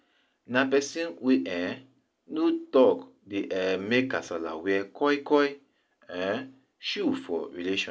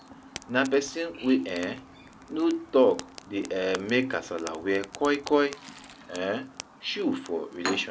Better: first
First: none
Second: background sound (Fire + Chirp, tweet); 15 dB below the speech

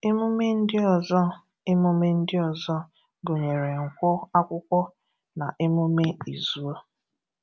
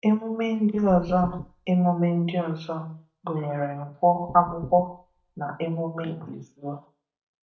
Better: first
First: none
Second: noise reduction (neural mask model DeepFilterNet 3)

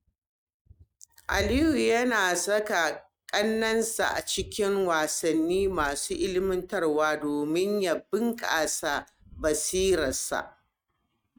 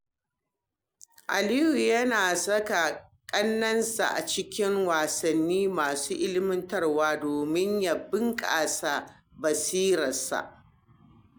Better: second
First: noise reduction (neural mask model RNNoise)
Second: none

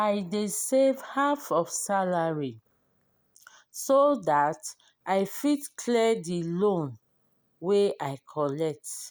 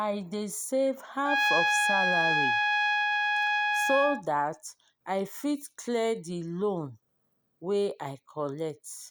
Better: first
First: none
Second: background sound (Trumpet); 5 dB above the speech

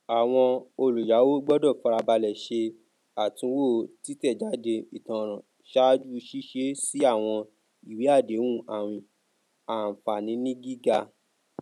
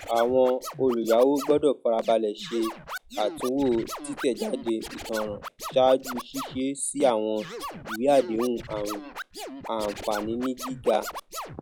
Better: first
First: none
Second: noise reduction (classical method log-MMSE)

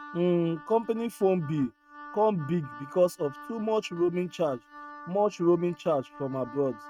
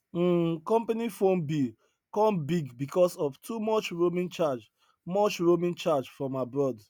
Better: second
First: noise reduction (neural mask model RNNoise)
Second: none

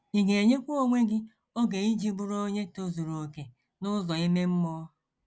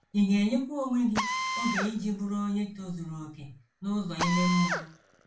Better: first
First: none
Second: background sound (Drill); 6 dB below the speech // room echo; dies away in 0.3 s

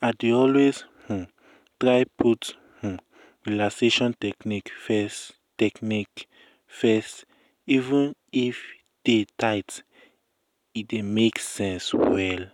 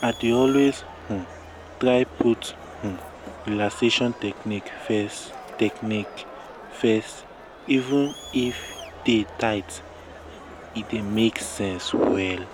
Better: first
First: none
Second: background sound (Crowd); 15 dB below the speech

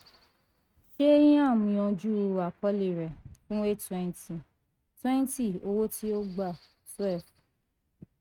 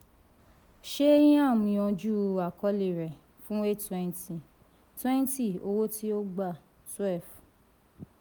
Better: second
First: noise reduction (neural mask model RNNoise)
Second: none

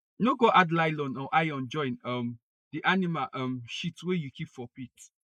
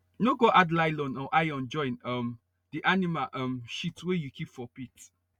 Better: second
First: noise reduction (neural mask model Resemble Enhance denoiser)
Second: none

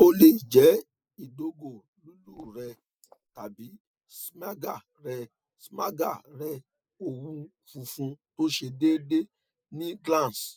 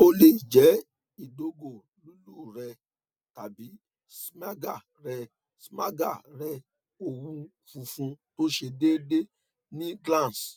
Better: second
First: noise reduction (neural mask model Resemble Enhance denoiser)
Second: none

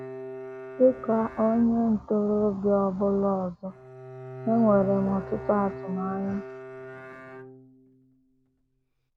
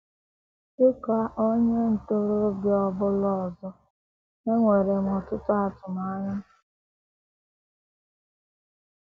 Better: second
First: background sound (Bowed string instrument); 14 dB below the speech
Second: none

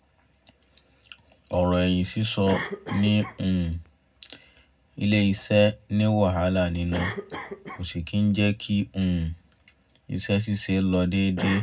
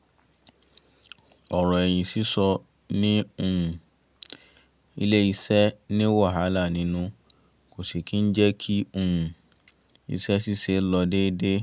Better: second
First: background sound (Cough); 15 dB below the speech // room echo; dies away in 0.3 s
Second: none

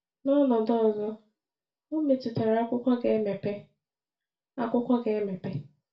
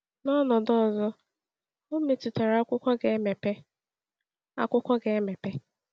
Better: second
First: room echo; dies away in 0.3 s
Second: none

